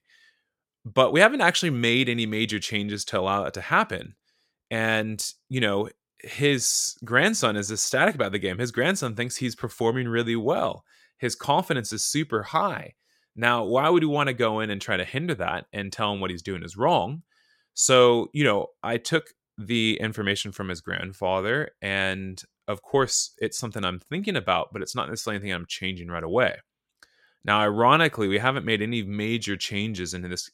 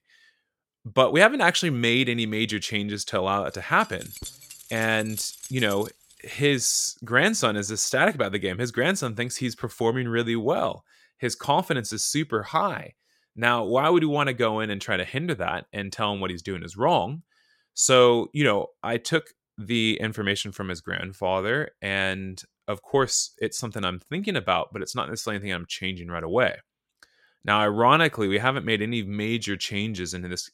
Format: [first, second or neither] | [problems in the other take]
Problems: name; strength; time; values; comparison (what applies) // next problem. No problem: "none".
first | jangling keys; faint; from 4 to 6.5 s; peak 10 dB below the speech